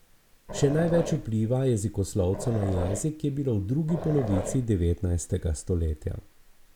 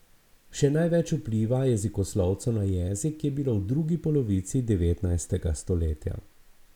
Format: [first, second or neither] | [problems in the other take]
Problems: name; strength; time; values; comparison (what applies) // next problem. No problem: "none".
second | background sound (Growling); 8 dB below the speech